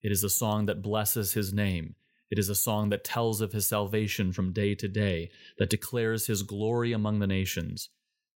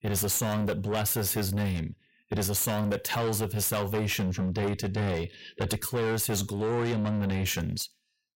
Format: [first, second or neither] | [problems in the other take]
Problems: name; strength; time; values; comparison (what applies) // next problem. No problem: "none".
first | distortion; heavy; 6 dB below the speech